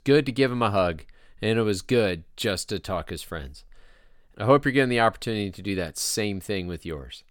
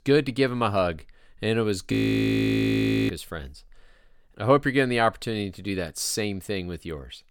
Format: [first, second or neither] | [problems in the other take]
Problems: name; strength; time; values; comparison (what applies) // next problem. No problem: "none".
first | audio freezing; at 2 s for 1 s